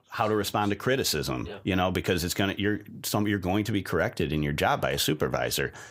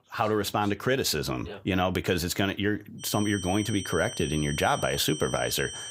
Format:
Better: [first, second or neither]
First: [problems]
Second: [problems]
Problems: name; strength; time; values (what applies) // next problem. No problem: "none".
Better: first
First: none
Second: high-pitched whine; loud; from 3 s on; 3 kHz, 9 dB below the speech